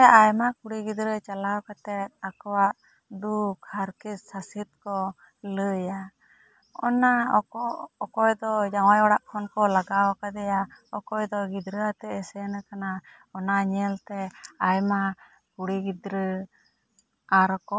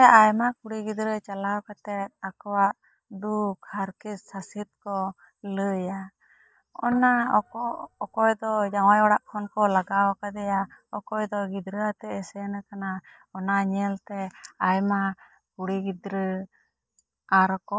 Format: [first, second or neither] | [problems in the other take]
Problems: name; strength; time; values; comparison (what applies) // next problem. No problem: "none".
first | noise reduction (neural mask model DeepFilterNet 3)